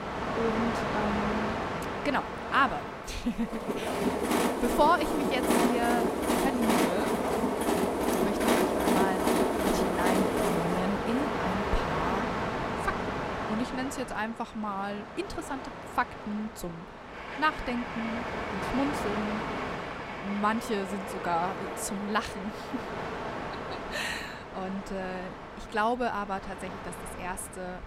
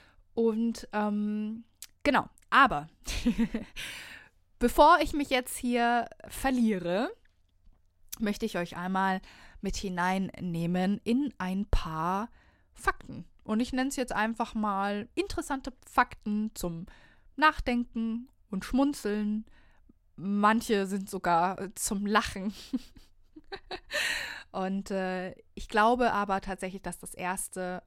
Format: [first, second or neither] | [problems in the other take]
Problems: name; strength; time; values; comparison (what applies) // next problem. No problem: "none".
second | train or aircraft noise; very loud; throughout; 2 dB above the speech